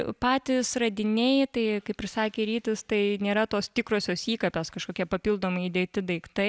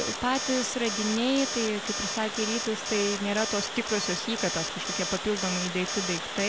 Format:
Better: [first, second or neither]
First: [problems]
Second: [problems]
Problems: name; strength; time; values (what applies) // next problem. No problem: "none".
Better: first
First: none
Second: background sound (Water + Alarm); 3 dB below the speech